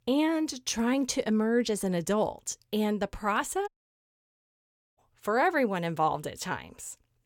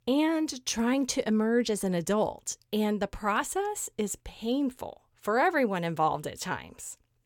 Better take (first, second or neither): second